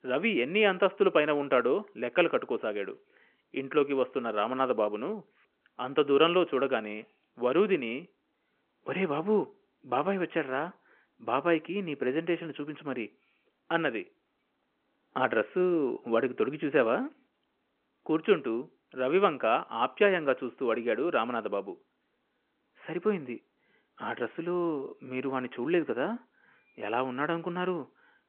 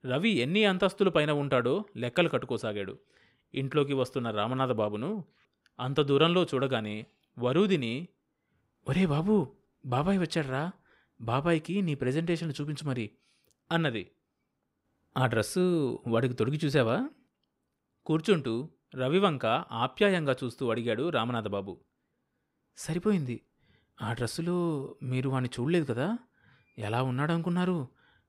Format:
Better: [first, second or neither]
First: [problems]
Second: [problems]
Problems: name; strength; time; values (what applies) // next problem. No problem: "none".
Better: second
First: phone-call audio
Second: none